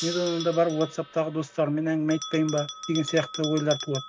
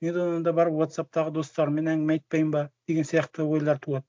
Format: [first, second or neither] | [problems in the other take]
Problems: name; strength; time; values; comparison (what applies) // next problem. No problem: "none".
second | background sound (Bell + Gong); 12 dB below the speech